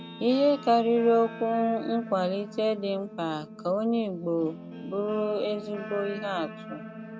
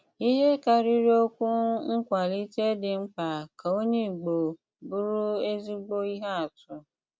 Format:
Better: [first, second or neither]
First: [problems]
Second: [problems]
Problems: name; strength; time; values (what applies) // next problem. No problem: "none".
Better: second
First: background sound (Guitar); 13 dB below the speech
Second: none